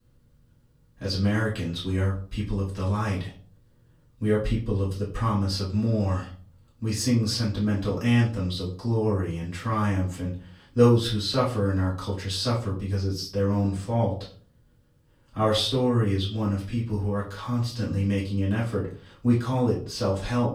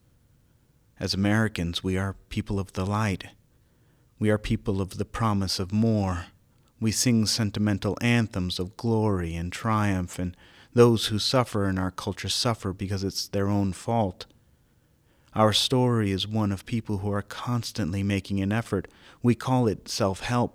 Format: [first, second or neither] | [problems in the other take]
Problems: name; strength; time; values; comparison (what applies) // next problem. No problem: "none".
second | room echo; slight; dies away in 0.4 s // off-mic speech; far